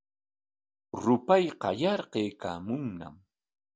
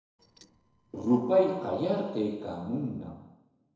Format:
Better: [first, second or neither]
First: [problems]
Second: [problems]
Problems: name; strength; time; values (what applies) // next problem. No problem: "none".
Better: first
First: none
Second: noise reduction (neural separator model SepFormer DNS4)